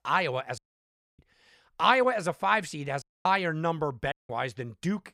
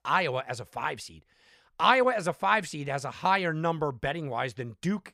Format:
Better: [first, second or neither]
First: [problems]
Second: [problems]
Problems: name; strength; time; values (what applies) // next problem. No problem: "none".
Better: second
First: audio cutting out; at 0.5 s for 0.5 s, at 3 s and at 4 s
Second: none